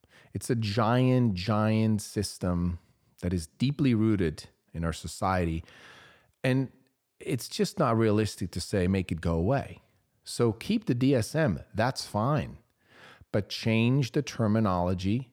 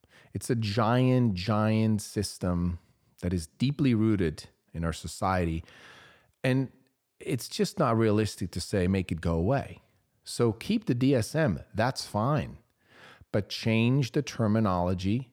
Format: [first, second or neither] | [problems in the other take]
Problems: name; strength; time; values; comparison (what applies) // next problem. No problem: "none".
neither | none